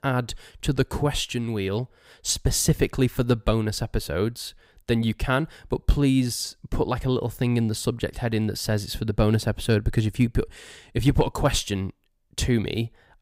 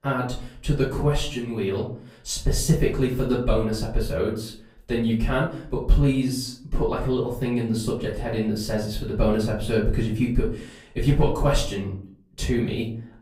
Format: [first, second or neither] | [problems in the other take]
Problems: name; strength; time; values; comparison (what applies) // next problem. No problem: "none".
first | off-mic speech; far // room echo; slight; dies away in 0.5 s